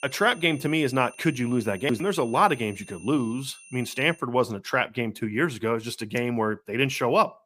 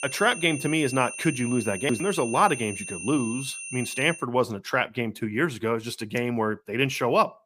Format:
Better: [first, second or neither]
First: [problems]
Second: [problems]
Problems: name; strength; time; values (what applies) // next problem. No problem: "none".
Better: first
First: high-pitched whine; faint; until 4 s; 2.5 kHz, 20 dB below the speech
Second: high-pitched whine; loud; until 4 s; 2.5 kHz, 9 dB below the speech